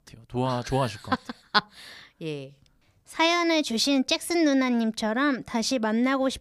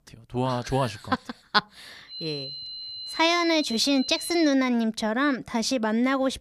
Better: first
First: none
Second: high-pitched whine; loud; from 2 to 4.5 s; 4 kHz, 9 dB below the speech

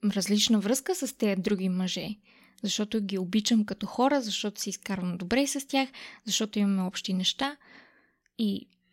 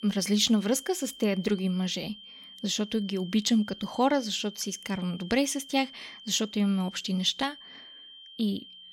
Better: first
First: none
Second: high-pitched whine; noticeable; throughout; 3 kHz, 15 dB below the speech

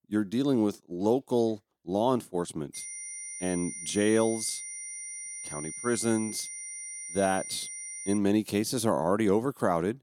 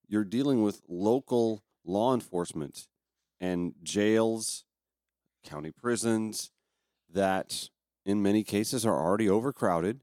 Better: second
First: high-pitched whine; loud; from 2.5 to 8 s; 9 kHz, 8 dB below the speech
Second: none

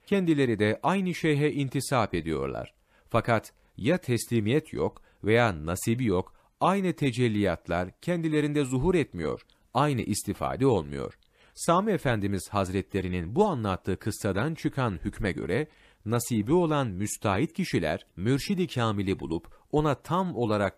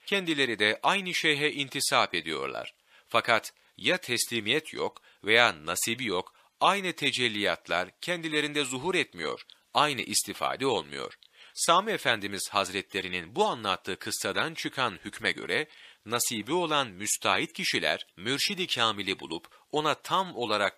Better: first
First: none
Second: thin; somewhat; fading below 1 kHz

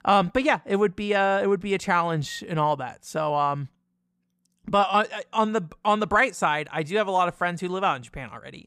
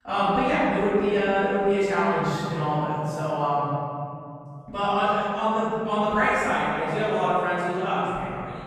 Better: first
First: none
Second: off-mic speech; far // room echo; strong; dies away in 2.8 s

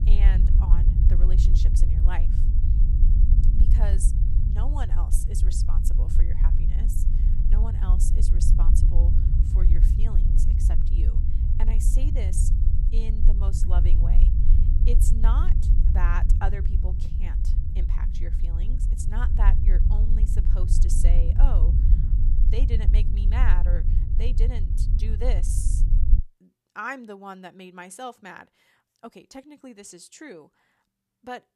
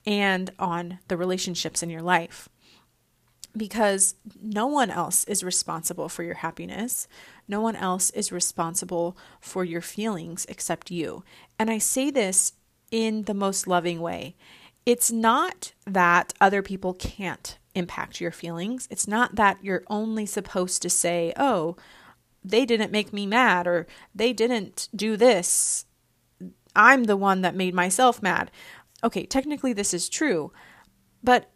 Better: second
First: low rumble; loud; until 26 s; 4 dB below the speech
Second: none

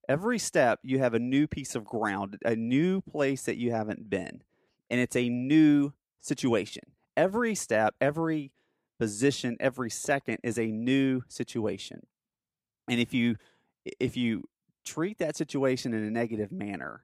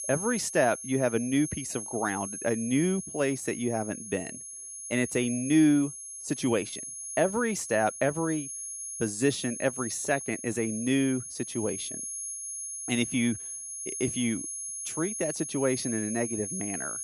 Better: first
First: none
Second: high-pitched whine; loud; throughout; 10.5 kHz, 6 dB below the speech

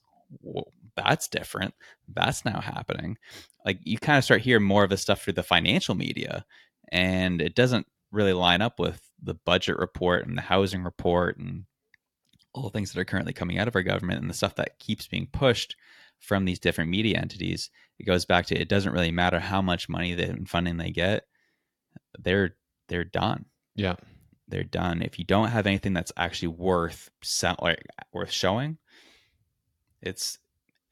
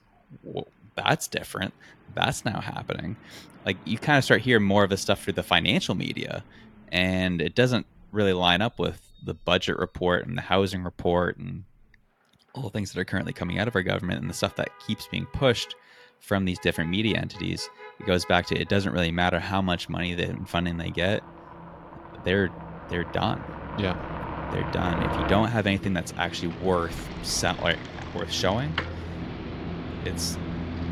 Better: first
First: none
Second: traffic noise; noticeable; throughout; 10 dB below the speech

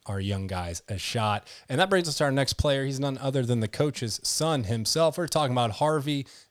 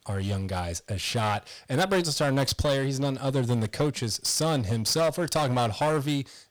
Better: first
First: none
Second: distortion; slight; 10% of the sound clipped

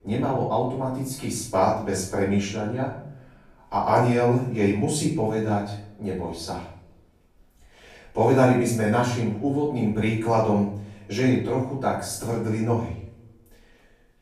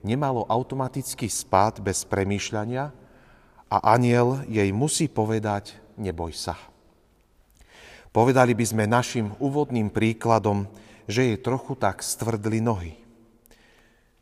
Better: second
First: off-mic speech; far // room echo; noticeable; dies away in 0.5 s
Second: none

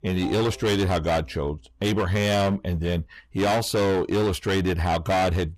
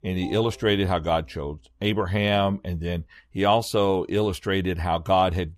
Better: second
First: distortion; heavy; 24% of the sound clipped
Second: none

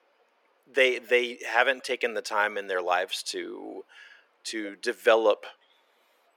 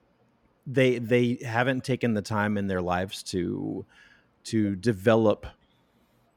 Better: second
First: thin; very; fading below 400 Hz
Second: none

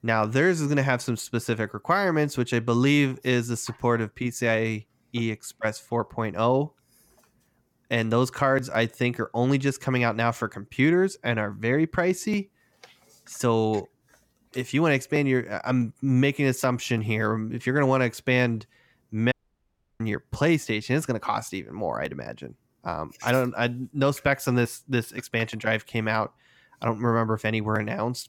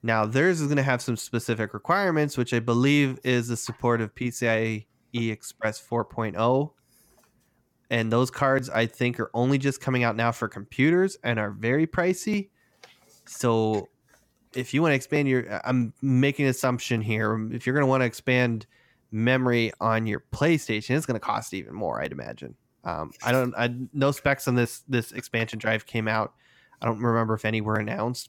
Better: second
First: audio cutting out; at 19 s for 0.5 s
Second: none

